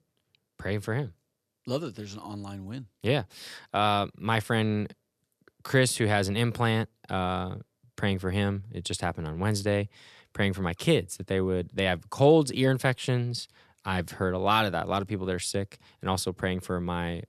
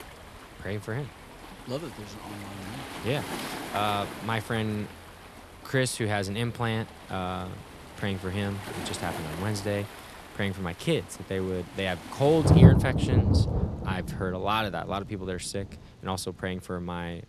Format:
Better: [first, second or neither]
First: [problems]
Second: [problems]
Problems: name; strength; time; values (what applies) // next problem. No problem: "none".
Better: first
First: none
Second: rain or running water; very loud; throughout; 4 dB above the speech